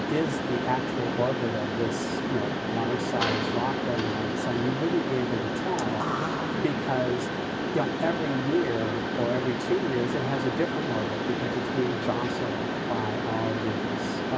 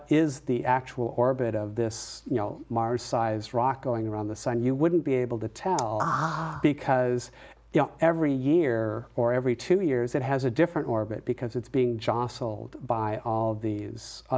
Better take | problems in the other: second | background sound (Mechanisms); 1 dB above the speech // room echo; dies away in 0.7 s

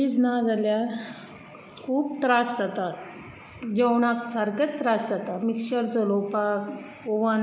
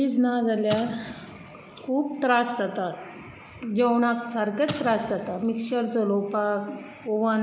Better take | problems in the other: first | background sound (Explosion); 16 dB below the speech

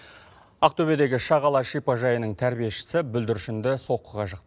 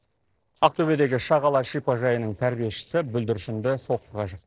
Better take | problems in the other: first | noise reduction (neural separator model SepFormer DNS4)

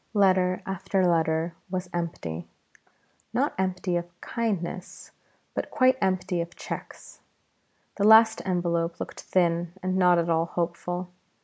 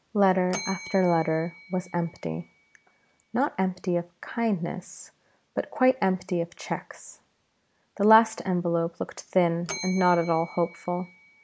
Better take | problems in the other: first | background sound (Bell); 19 dB below the speech

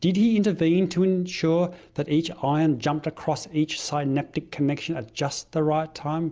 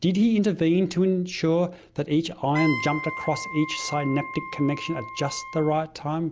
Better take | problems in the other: first | background sound (Wind instrument, woodwind instrument); 10 dB below the speech

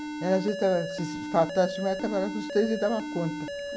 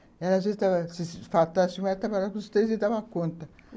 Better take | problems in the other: second | background sound (Alarm); 7 dB below the speech

